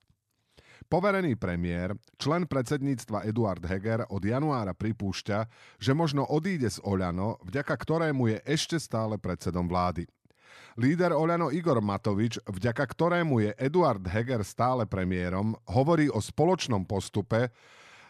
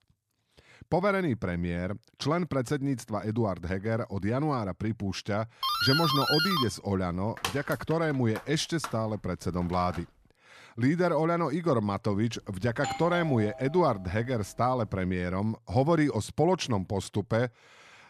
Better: first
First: none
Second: doorbell; loud; from 5.5 to 10 s; peak 4 dB above the speech // doorbell; noticeable; from 13 to 14 s; peak 7 dB below the speech

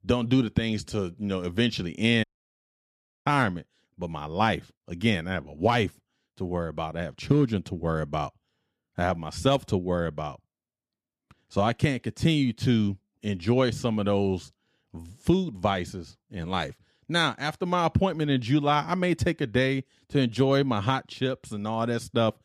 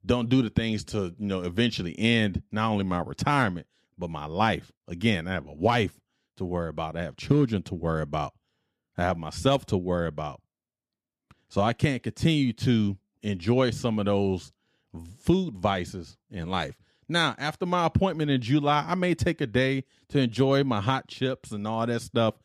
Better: second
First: audio cutting out; at 2 s for 1 s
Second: none

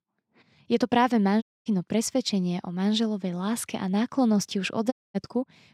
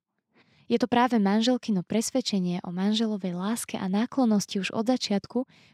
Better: second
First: audio cutting out; at 1.5 s and at 5 s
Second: none

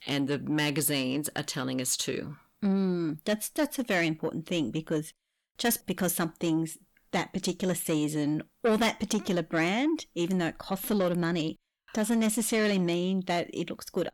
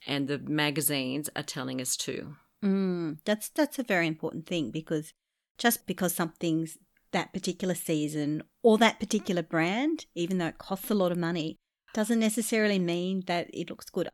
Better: second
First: distortion; slight; 10 dB below the speech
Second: none

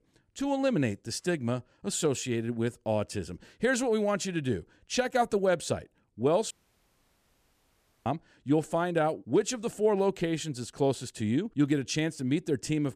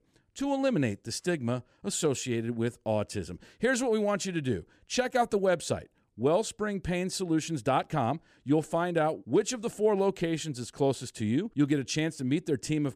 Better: second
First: audio cutting out; at 6.5 s for 1.5 s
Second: none

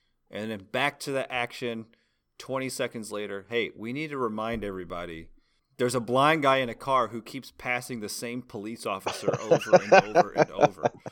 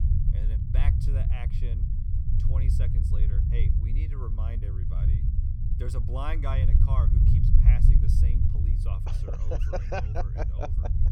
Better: first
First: none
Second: low rumble; loud; throughout; 3 dB below the speech

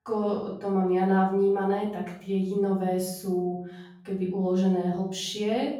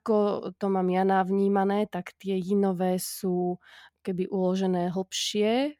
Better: second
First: room echo; noticeable; dies away in 0.7 s // off-mic speech; far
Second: none

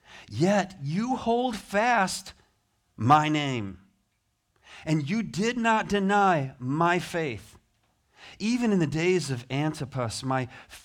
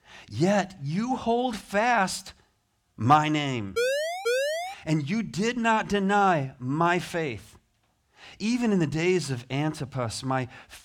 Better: first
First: none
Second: siren; noticeable; at 4 s; peak level with the speech

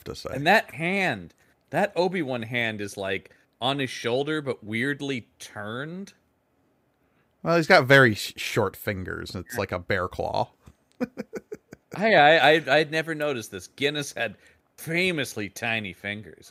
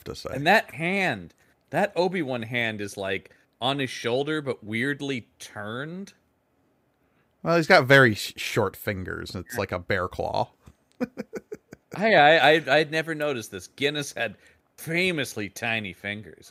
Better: neither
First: none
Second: none

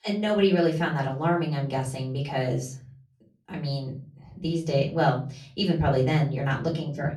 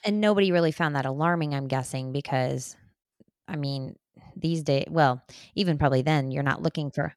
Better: second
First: off-mic speech; far // room echo; slight; dies away in 0.4 s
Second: none

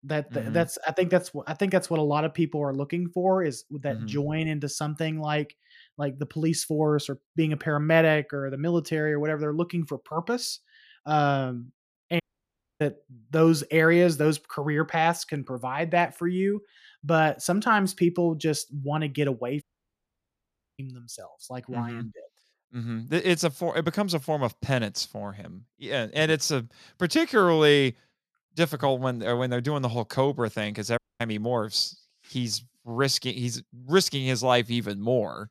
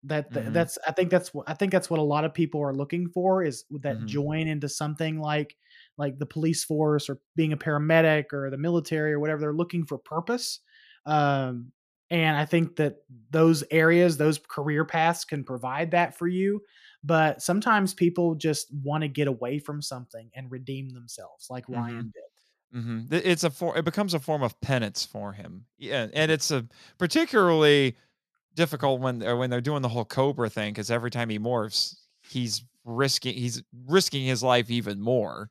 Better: second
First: audio cutting out; at 12 s for 0.5 s, at 20 s for 1 s and at 31 s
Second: none

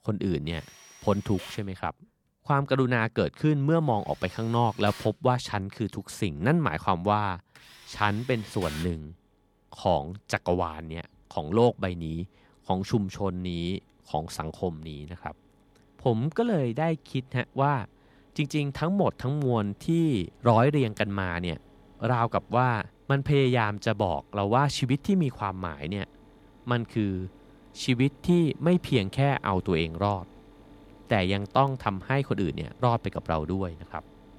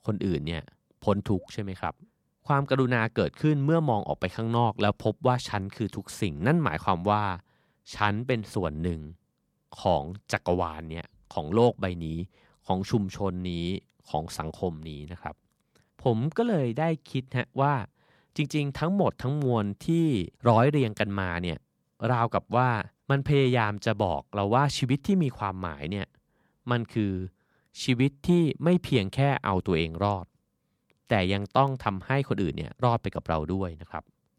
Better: second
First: machinery noise; faint; throughout; 25 dB below the speech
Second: none

